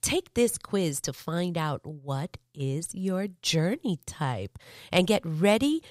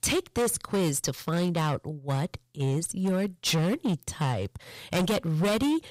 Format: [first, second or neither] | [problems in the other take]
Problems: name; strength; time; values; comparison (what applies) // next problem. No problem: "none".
first | distortion; heavy; 15% of the sound clipped